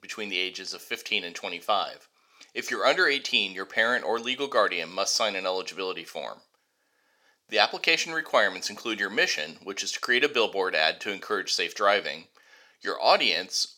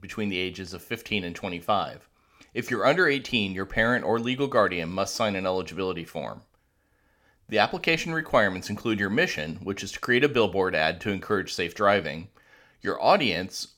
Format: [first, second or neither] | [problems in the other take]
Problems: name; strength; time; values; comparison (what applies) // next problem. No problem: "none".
second | thin; somewhat; fading below 400 Hz